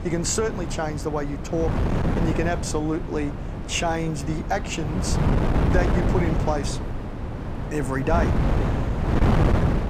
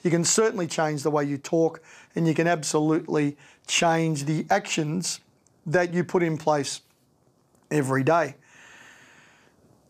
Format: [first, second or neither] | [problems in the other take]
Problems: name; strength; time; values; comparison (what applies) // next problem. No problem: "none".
second | wind noise on the microphone; heavy; 3 dB below the speech